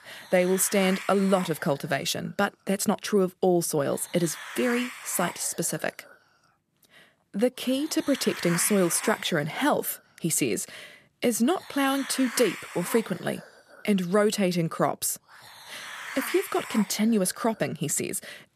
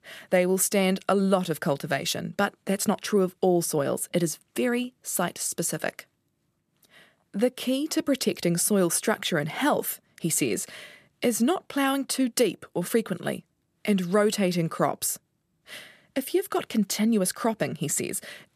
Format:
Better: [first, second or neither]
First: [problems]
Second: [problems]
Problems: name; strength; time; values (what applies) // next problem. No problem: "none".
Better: second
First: hiss; noticeable; throughout; 10 dB below the speech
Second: none